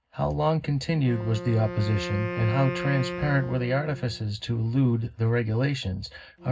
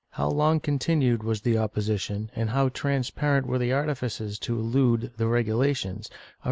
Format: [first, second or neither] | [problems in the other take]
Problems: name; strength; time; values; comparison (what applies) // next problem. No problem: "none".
second | background sound (Wind instrument, woodwind instrument); 11 dB below the speech // room echo; dies away in 0.4 s